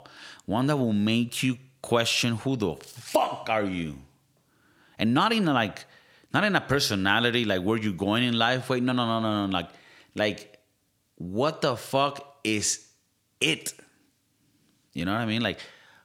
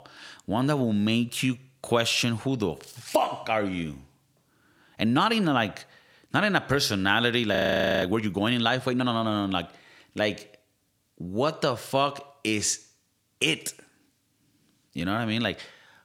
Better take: first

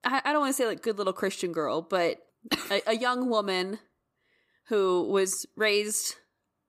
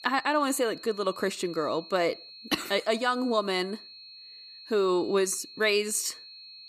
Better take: first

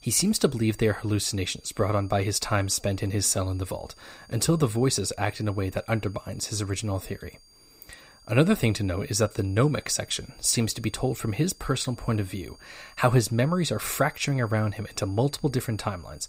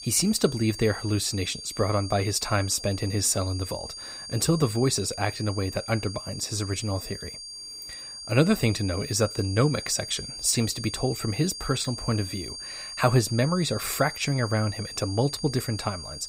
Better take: first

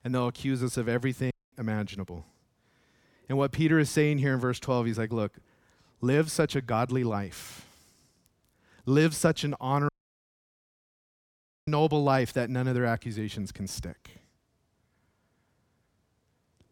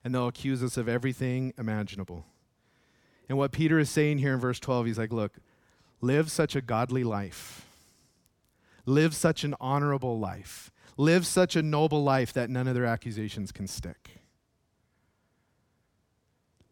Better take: second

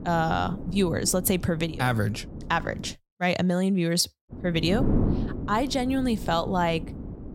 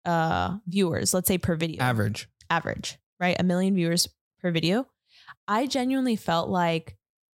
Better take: second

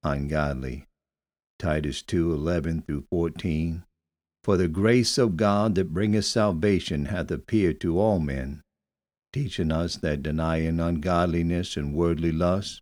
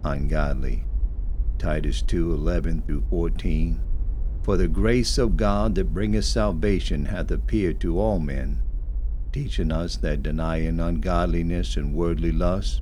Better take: first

